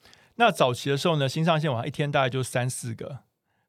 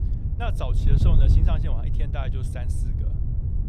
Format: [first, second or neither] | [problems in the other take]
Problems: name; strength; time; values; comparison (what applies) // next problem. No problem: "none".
first | wind noise on the microphone; heavy; 2 dB below the speech